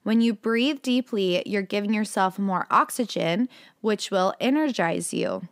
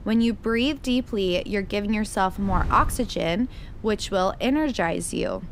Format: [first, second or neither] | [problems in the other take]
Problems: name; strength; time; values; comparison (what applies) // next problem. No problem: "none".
first | wind noise on the microphone; occasional gusts; 25 dB below the speech